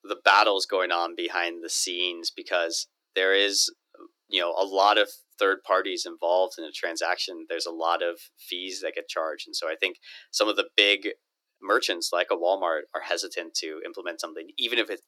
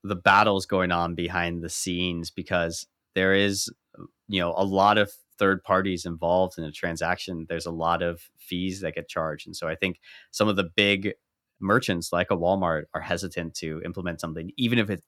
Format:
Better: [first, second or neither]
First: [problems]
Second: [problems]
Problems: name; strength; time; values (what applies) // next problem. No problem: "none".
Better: second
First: thin; very; fading below 300 Hz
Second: none